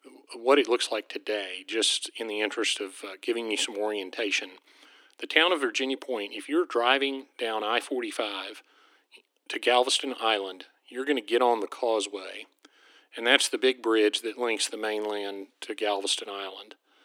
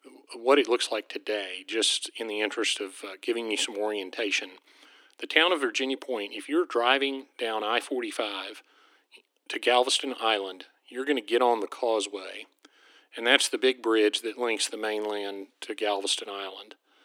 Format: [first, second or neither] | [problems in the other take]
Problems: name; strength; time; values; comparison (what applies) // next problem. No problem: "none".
neither | thin; very; fading below 300 Hz; the same in both